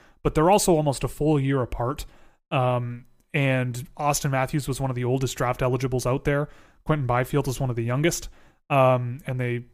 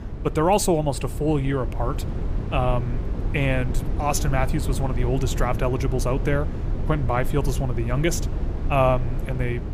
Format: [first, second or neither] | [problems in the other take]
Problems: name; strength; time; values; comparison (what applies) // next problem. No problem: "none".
first | low rumble; noticeable; throughout; 15 dB below the speech